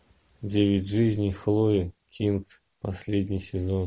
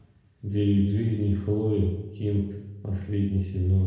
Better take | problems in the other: first | room echo; dies away in 0.9 s

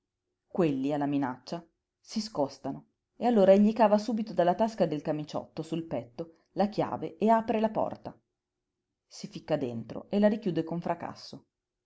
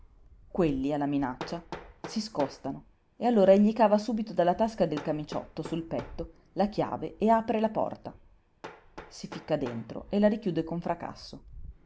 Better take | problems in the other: first | background sound (Fixed-wing aircraft, airplane + Hammer); 18 dB below the speech

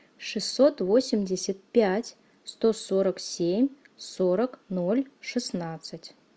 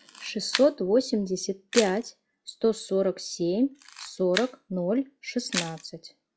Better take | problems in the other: first | noise reduction (classical method log-MMSE)

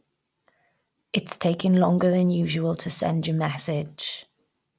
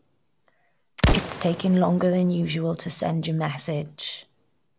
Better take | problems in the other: first | background sound (Explosion); 5 dB below the speech

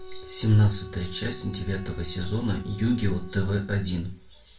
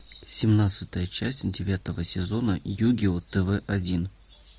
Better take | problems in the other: second | background sound (Wind instrument, woodwind instrument); 18 dB below the speech // room echo; dies away in 0.3 s

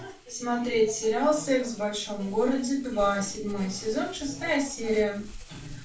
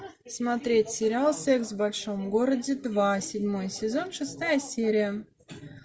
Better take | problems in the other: second | background sound (Crumpling, crinkling); 19 dB below the speech // room echo; dies away in 0.3 s

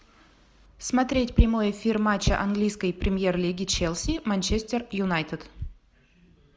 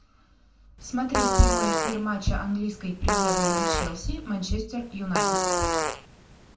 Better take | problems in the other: first | background sound (Fart); 1 dB above the speech // room echo; dies away in 0.3 s

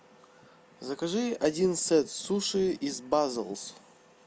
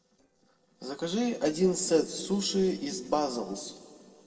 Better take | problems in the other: first | noise reduction (neural separator model SepFormer DNS4)

